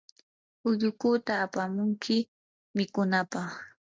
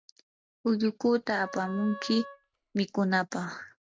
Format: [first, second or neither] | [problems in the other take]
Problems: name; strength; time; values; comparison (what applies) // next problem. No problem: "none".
first | background sound (Wind instrument, woodwind instrument); 16 dB below the speech